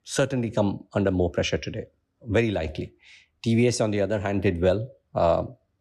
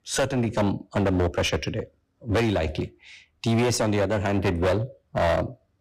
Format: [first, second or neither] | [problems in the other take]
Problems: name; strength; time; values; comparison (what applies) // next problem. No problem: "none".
first | distortion; heavy; 16% of the sound clipped